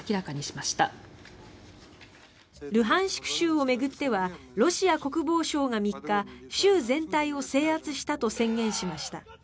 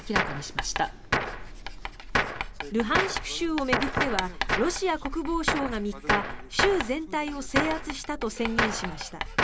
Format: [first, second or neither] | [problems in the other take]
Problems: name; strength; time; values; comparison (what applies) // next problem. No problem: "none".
first | background sound (Writing + Gunshot, gunfire); as loud as the speech